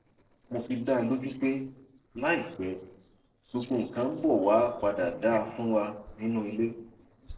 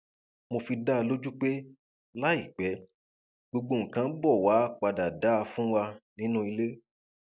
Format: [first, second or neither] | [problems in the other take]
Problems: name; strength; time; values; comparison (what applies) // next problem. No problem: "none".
second | noise reduction (neural separator model SepFormer DNS4)